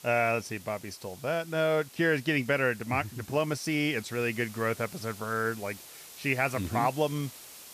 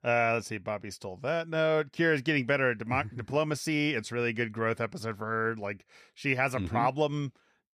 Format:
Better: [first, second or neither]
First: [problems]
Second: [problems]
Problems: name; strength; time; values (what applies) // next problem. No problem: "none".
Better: second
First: hiss; noticeable; throughout; 15 dB below the speech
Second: none